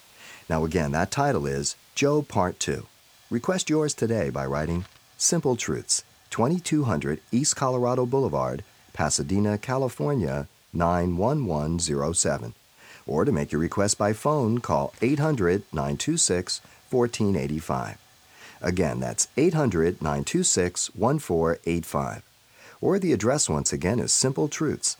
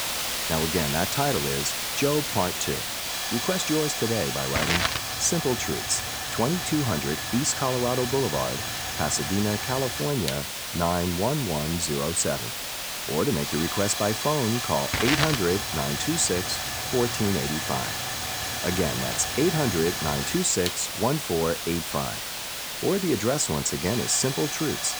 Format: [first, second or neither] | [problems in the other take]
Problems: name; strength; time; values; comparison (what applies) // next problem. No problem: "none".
first | hiss; loud; throughout; 1 dB below the speech; faint in the first